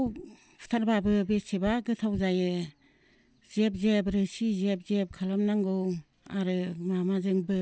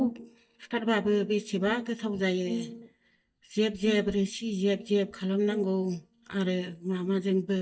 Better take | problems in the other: first | noise reduction (neural mask model DeepFilterNet 3)

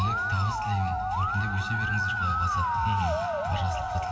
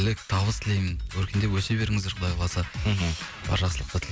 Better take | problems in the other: second | background sound (Musical instrument); 1 dB above the speech // room echo; dies away in 2.9 s

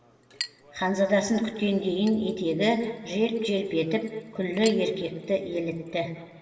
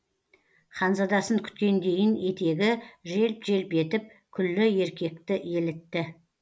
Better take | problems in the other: second | background sound (Chink, clink); 19 dB below the speech // room echo; dies away in 2.4 s

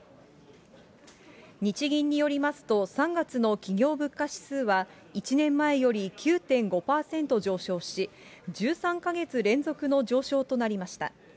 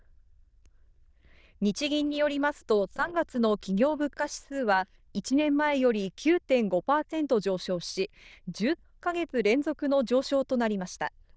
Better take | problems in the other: first | noise reduction (neural diffusion model UNIVERSE++)

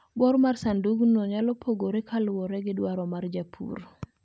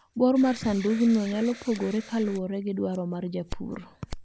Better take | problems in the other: first | background sound (Alarm + Scissors); 16 dB below the speech

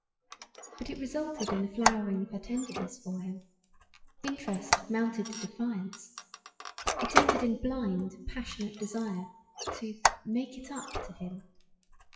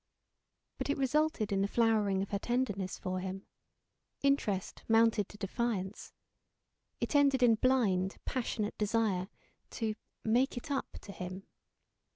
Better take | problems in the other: second | noise reduction (classical method WPE with log-MMSE)

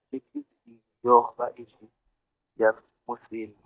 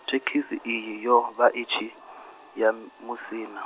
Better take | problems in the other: second | noise reduction (neural mask model DeepFilterNet 3)

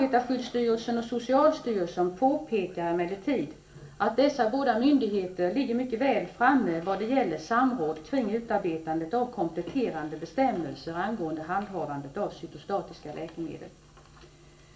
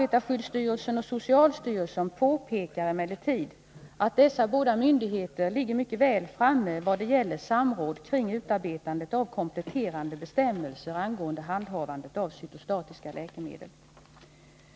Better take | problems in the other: second | room echo; dies away in 0.3 s

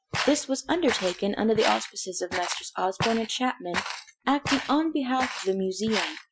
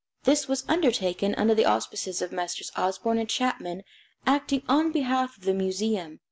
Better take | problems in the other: second | noise reduction (classical method Wiener filter)

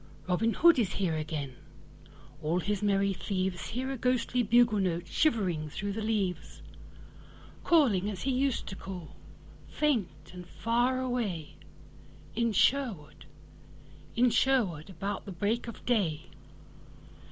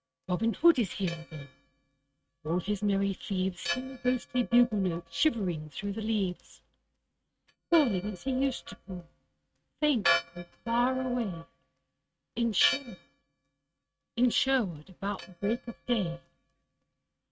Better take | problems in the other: first | noise reduction (neural mask model RNNoise)

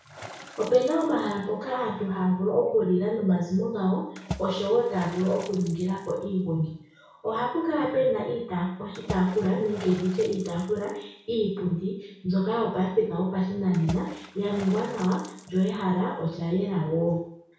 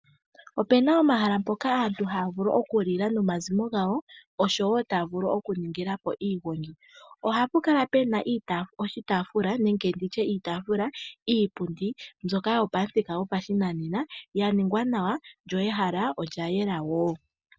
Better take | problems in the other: second | background sound (Water / Splash, splatter); 18 dB below the speech // room echo; dies away in 0.6 s

